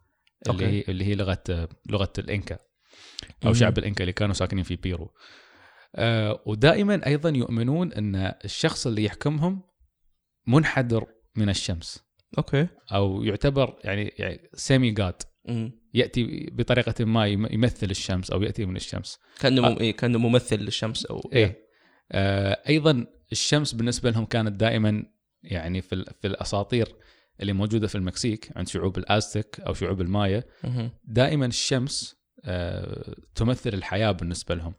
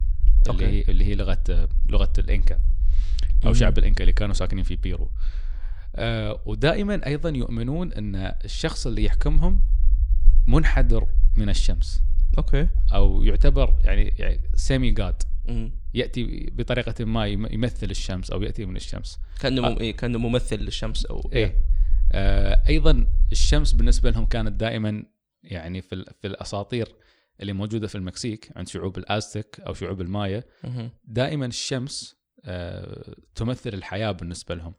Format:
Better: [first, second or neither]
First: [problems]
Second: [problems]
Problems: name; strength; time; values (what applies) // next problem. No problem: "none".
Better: first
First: none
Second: low rumble; faint; until 25 s; 20 dB below the speech